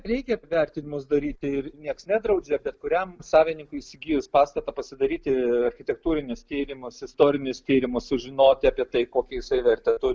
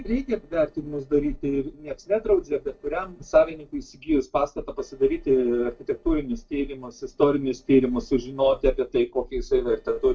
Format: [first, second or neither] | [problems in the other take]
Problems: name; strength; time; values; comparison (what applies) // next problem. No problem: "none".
first | noise reduction (neural separator model SepFormer DNS4)